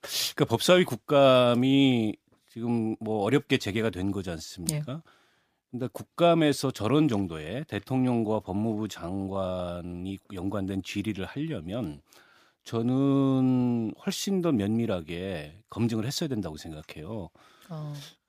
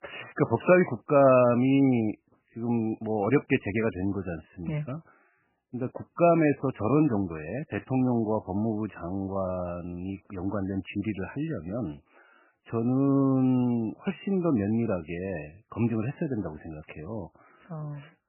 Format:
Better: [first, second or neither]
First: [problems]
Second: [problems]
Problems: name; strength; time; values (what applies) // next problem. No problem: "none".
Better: first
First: none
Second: garbled, watery; badly; nothing above 2.5 kHz